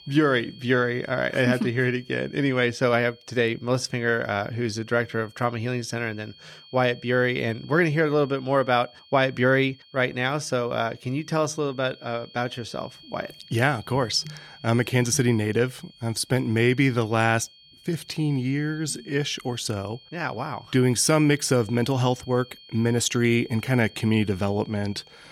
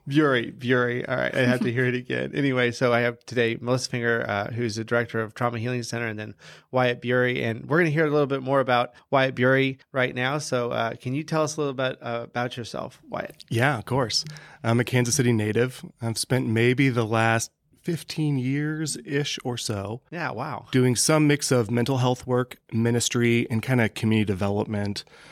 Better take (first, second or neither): second